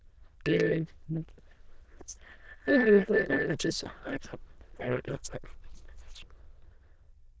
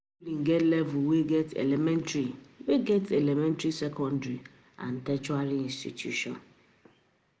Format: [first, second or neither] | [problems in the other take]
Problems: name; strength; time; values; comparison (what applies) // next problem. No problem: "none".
second | noise reduction (neural diffusion model UNIVERSE++)